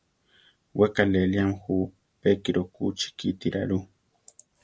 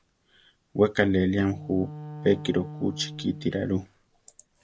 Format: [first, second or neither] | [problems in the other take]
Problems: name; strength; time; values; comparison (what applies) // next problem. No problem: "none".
first | background sound (Wind instrument, woodwind instrument); 15 dB below the speech